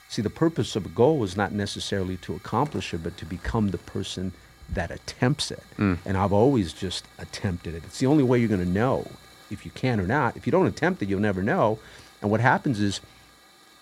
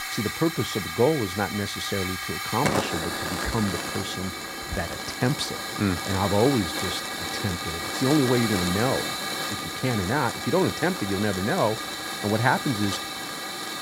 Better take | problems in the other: first | hiss; loud; throughout; 2 dB below the speech; faint in the first

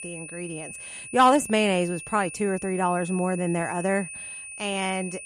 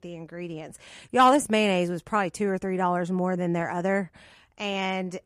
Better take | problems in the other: second | high-pitched whine; noticeable; throughout; 2.5 kHz, 10 dB below the speech

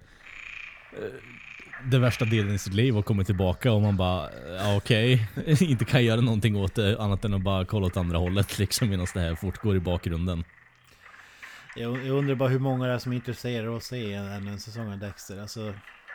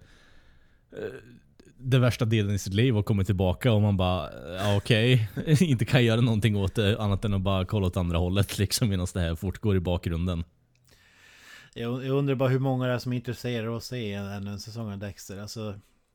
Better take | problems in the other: second | animal sounds; noticeable; throughout; 20 dB below the speech

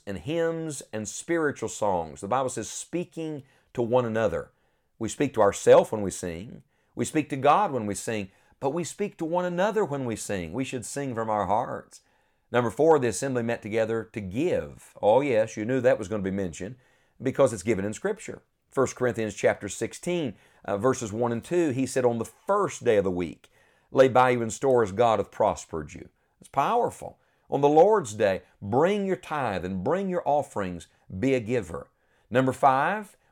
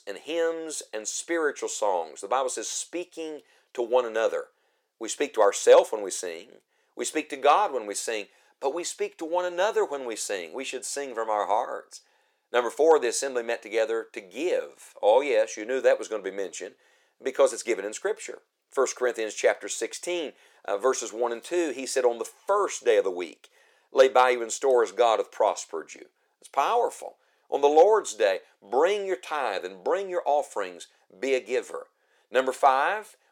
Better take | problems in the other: first | thin; somewhat; fading below 400 Hz

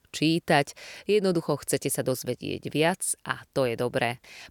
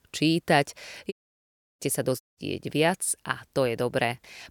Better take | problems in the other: first | audio cutting out; at 1 s for 0.5 s and at 2 s

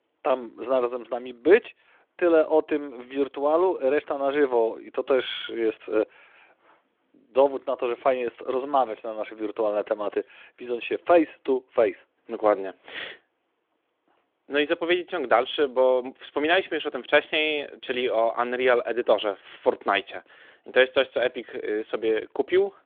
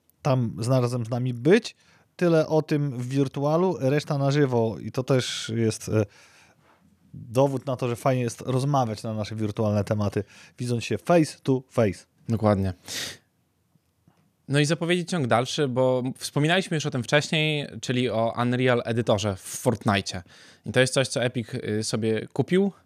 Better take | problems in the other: second | phone-call audio; nothing above 3.5 kHz

